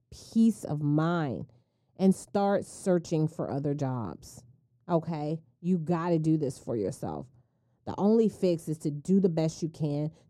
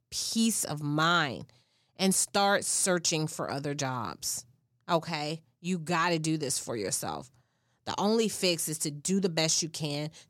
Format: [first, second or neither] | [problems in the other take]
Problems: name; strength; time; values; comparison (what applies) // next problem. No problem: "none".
second | muffled; very; fading above 1 kHz